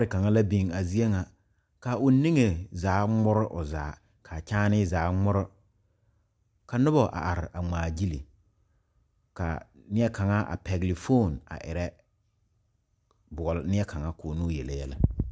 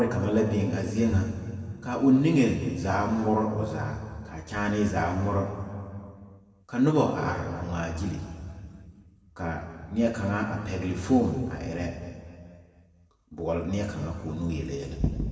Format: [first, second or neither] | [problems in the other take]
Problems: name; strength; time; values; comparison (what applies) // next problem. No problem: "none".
first | background sound (Bowed string instrument); 12 dB below the speech // room echo; dies away in 2 s